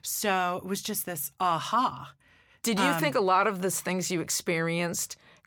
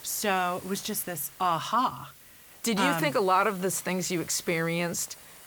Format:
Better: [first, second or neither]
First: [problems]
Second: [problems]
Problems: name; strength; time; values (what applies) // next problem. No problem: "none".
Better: first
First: none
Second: hiss; noticeable; throughout; 20 dB below the speech